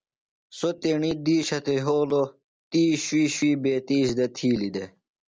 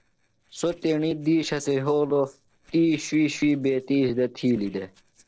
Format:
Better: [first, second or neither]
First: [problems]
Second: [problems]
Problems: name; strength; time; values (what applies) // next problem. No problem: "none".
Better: first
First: none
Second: noise reduction (neural separator model SepFormer DNS4)